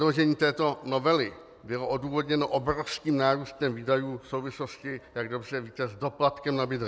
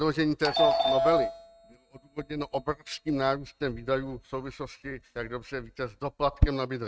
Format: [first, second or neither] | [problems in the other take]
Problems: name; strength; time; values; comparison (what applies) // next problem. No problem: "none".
first | noise reduction (neural mask model RNNoise)